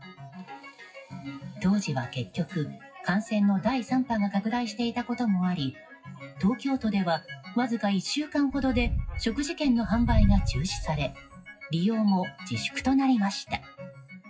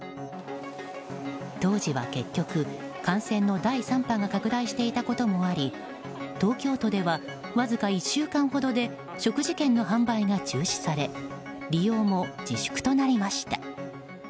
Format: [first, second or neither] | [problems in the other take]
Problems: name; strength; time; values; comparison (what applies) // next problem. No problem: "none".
second | noise reduction (classical method WPE with log-MMSE)